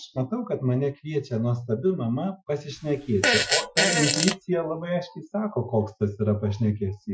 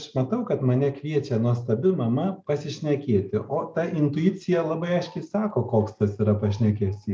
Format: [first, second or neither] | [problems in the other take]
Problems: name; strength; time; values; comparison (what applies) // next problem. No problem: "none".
second | noise reduction (classical method Wiener filter)